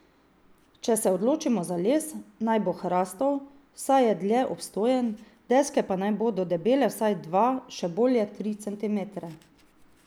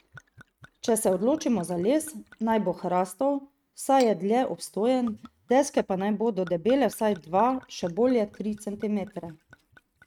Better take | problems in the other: first | noise reduction (neural mask model RNNoise)

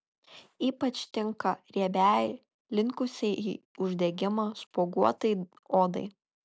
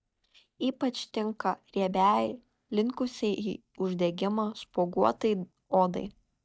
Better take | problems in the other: first | noise reduction (neural mask model DeepFilterNet 3)

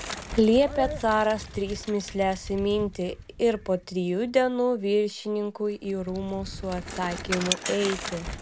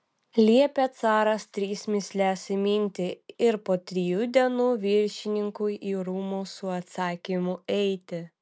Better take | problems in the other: second | background sound (Bicycle); 11 dB below the speech

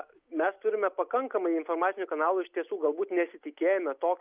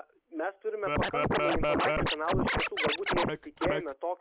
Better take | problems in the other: first | background sound (Scratching (performance technique)); 5 dB above the speech

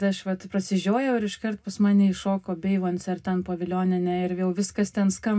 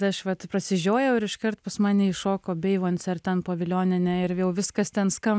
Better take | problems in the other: second | room echo; dies away in 0.2 s

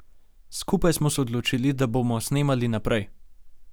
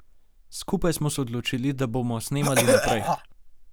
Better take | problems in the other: first | background sound (Cough); 5 dB above the speech

